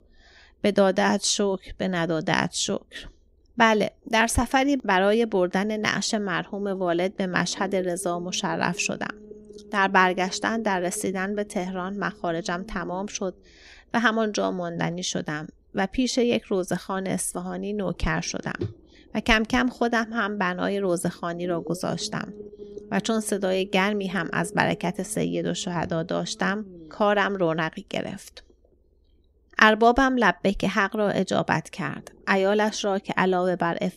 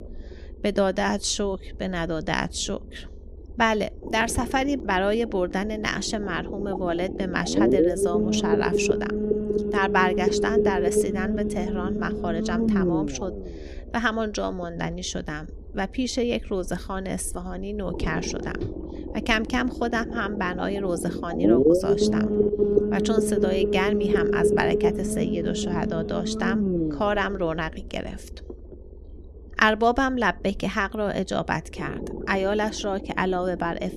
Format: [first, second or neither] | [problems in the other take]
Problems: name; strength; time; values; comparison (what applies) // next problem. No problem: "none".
first | low rumble; loud; throughout; 1 dB below the speech; faint in the first